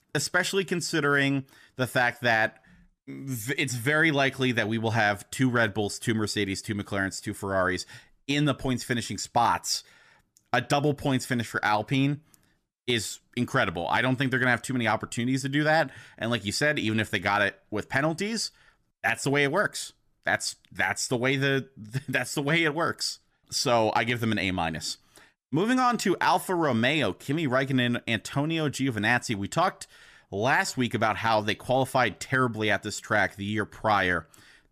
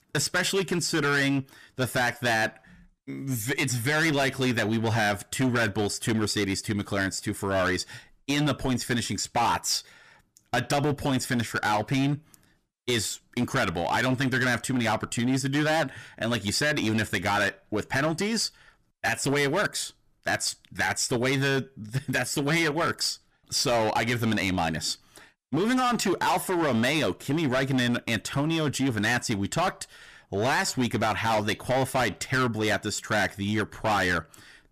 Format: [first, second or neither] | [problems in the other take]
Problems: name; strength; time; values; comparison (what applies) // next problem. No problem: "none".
first | distortion; heavy; 14% of the sound clipped